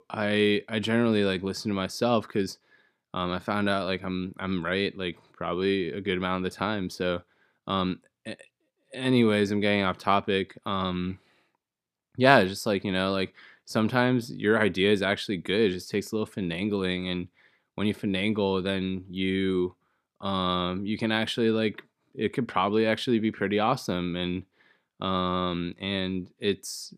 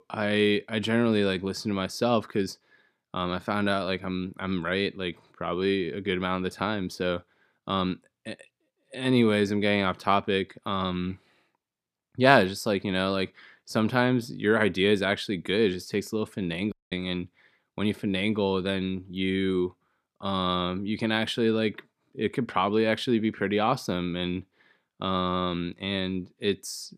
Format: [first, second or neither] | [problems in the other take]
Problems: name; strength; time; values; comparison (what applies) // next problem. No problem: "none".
first | audio cutting out; at 17 s